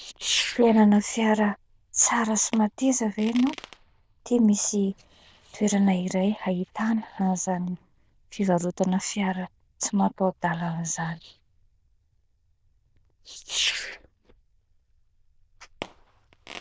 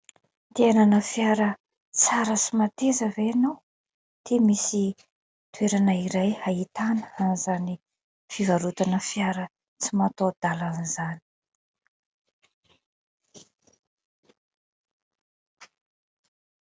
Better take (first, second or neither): second